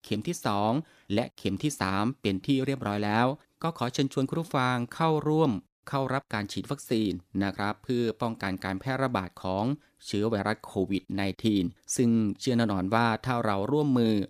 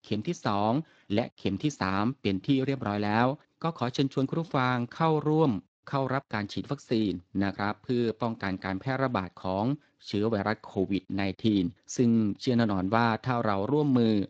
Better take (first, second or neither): first